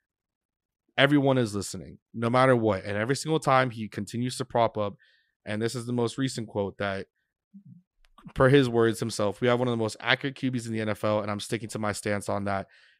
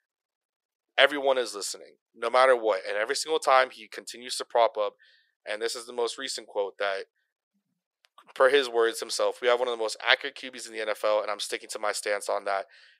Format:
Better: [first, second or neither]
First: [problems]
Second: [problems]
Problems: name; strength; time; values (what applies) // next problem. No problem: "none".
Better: first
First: none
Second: thin; very; fading below 500 Hz